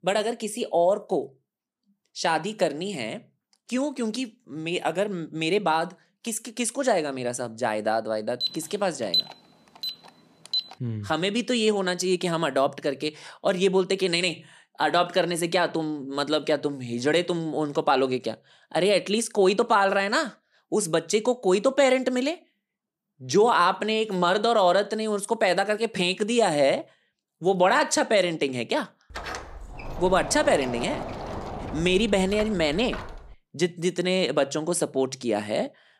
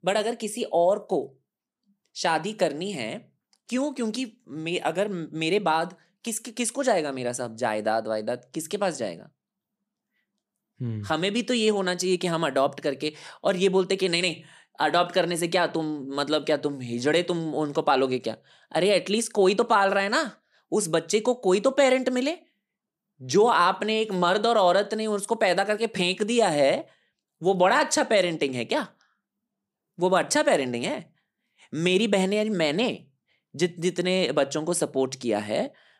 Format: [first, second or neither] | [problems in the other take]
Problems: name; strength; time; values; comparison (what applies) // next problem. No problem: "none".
second | alarm; loud; from 8.5 to 11 s; peak level with the speech // door banging; noticeable; from 29 to 33 s; peak 9 dB below the speech